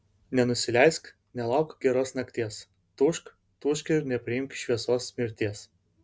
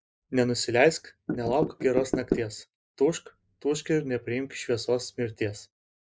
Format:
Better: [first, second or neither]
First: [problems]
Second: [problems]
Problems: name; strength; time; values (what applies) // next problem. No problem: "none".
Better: first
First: none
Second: noise reduction (neural mask model Resemble Enhance denoiser)